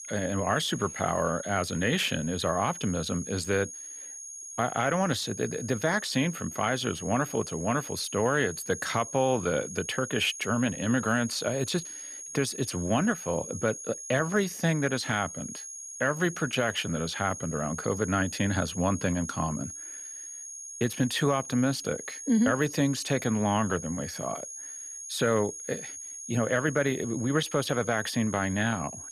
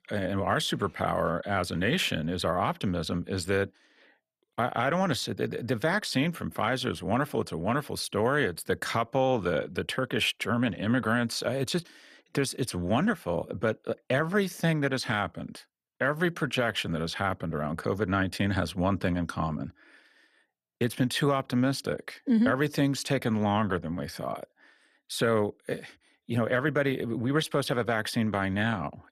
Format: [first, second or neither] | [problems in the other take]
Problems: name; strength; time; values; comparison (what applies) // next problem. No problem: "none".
second | high-pitched whine; loud; throughout; 6.5 kHz, 10 dB below the speech